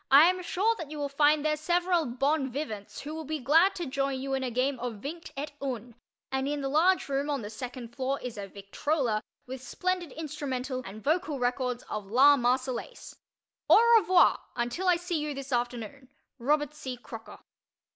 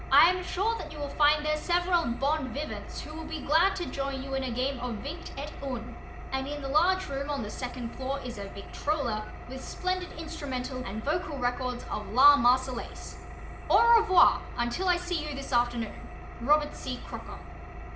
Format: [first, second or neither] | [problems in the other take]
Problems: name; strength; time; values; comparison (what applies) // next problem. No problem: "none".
first | background sound (Engine); 10 dB below the speech // room echo; dies away in 1.5 s